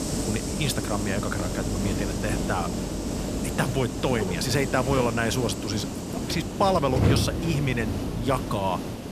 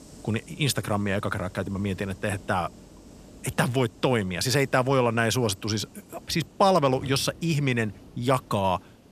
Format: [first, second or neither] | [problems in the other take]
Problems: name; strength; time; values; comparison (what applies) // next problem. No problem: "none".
second | hiss; loud; throughout; 2 dB below the speech; faint in the second